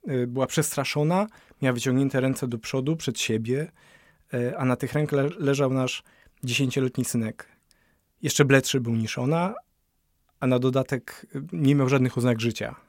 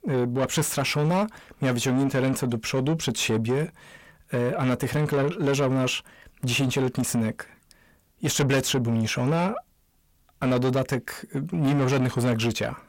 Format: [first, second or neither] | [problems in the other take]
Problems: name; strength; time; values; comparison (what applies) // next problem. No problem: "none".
first | distortion; heavy; 8 dB below the speech